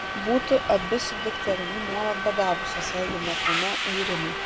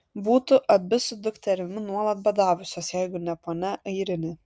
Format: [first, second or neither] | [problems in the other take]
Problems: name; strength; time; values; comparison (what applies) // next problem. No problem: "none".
second | background sound (Subway, metro, underground); 2 dB below the speech